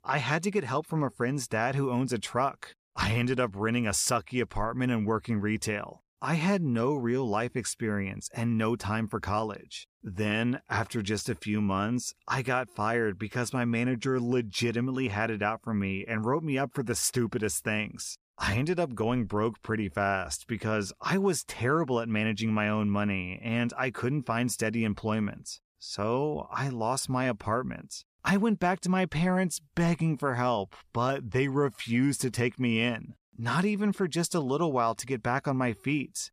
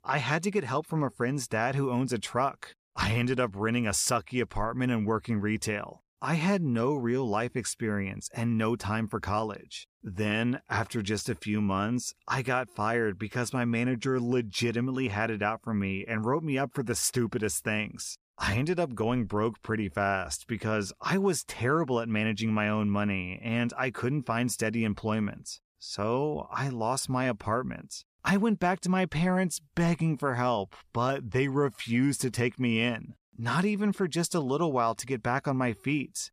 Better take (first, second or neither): neither